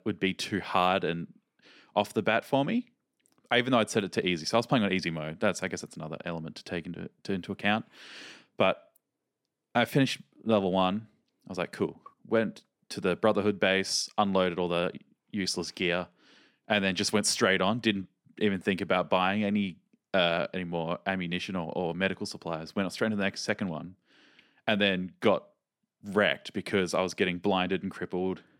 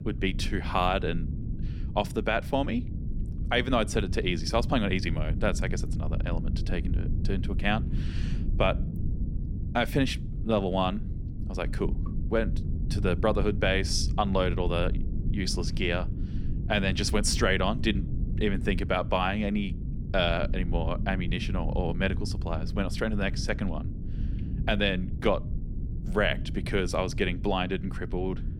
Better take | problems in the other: first | low rumble; noticeable; throughout; 15 dB below the speech

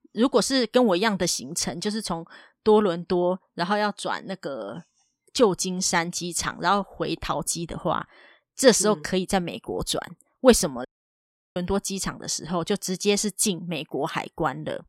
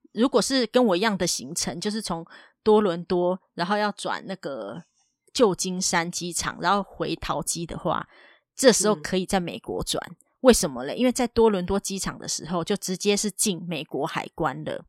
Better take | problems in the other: second | audio cutting out; at 11 s for 0.5 s

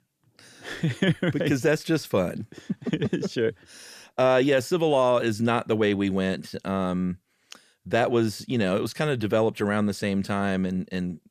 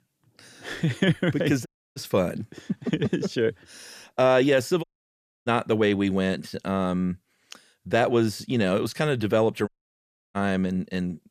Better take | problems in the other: first | audio cutting out; at 1.5 s, at 5 s for 0.5 s and at 9.5 s for 0.5 s

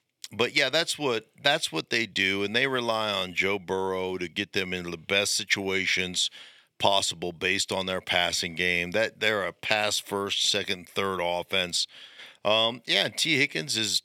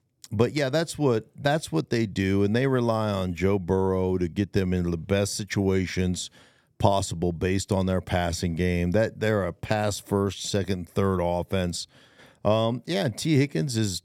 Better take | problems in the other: second | thin; somewhat; fading below 850 Hz

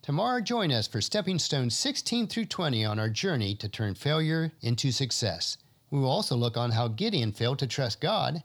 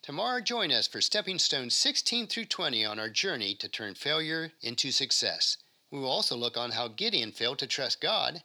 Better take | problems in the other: first | thin; somewhat; fading below 350 Hz

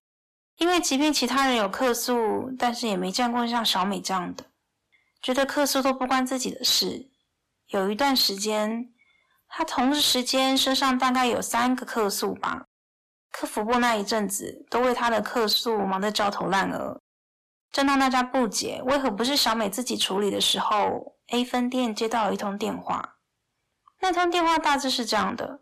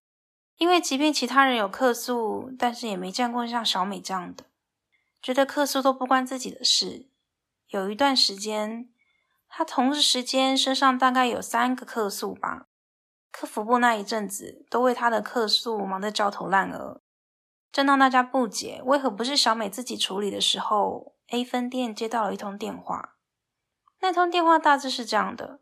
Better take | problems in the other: second | distortion; heavy; 7 dB below the speech

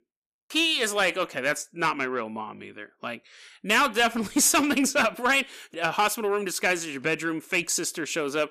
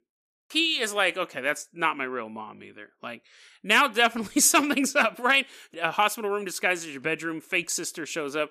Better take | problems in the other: second | distortion; slight; 10 dB below the speech

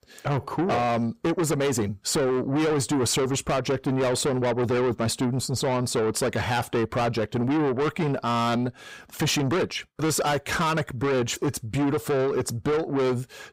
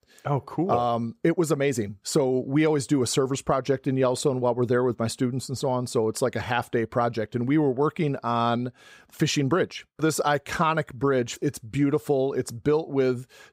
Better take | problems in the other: second | distortion; heavy; 7 dB below the speech

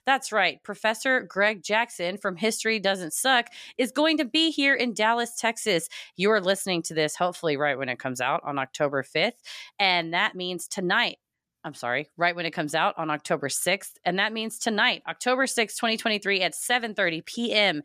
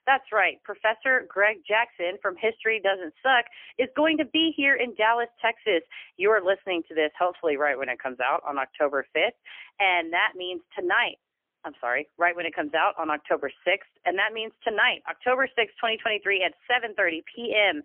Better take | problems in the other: first | phone-call audio; poor line; nothing above 3 kHz

